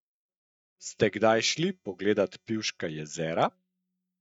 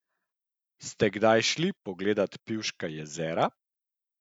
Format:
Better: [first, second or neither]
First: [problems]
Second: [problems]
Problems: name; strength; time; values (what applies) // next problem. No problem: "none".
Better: second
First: noise reduction (neural mask model DeepFilterNet 3)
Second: none